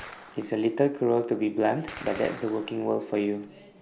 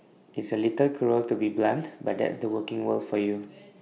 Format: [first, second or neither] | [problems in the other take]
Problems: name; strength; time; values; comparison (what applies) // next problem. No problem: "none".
second | background sound (Gunshot, gunfire); 19 dB below the speech